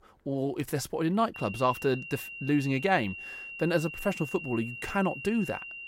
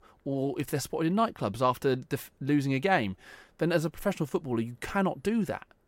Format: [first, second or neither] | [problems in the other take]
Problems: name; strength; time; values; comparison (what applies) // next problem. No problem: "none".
second | high-pitched whine; loud; from 1.5 s on; 3 kHz, 10 dB below the speech